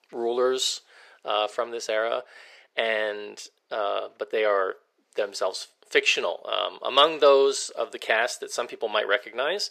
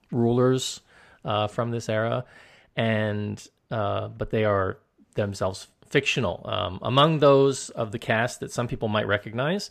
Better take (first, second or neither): second